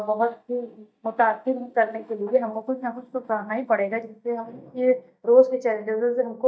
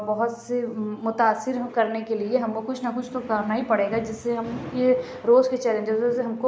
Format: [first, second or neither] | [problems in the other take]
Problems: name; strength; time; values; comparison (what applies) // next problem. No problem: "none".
second | noise reduction (neural mask model DeepFilterNet 3)